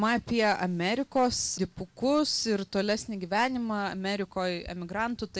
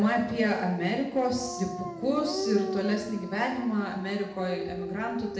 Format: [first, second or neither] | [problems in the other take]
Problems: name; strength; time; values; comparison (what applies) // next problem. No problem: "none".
first | background sound (Dog); 9 dB below the speech // room echo; dies away in 0.8 s